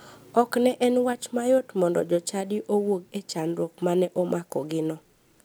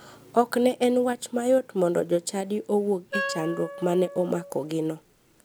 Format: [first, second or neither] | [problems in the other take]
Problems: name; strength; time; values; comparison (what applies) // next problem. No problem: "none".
first | background sound (Wind instrument, woodwind instrument); 11 dB below the speech